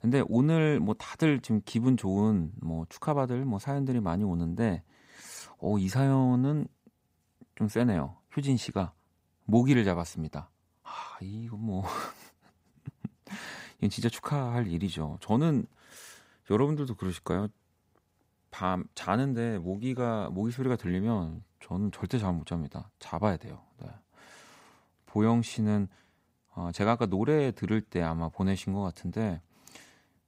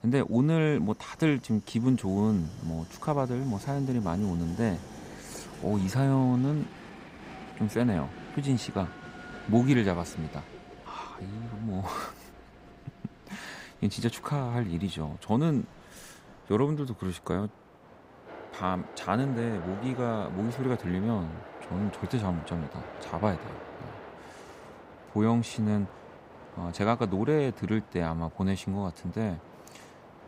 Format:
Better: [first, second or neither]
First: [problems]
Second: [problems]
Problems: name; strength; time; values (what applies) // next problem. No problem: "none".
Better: first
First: none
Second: train or aircraft noise; noticeable; throughout; 15 dB below the speech